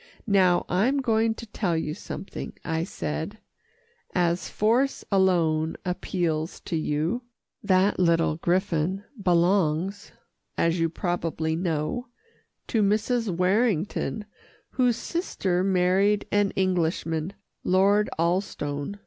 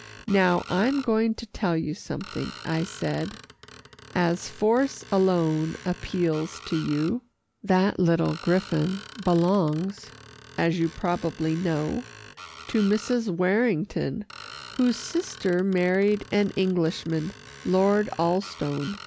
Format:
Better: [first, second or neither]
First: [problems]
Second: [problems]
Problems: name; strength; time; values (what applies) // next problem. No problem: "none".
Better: first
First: none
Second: background sound (Screech); 19 dB below the speech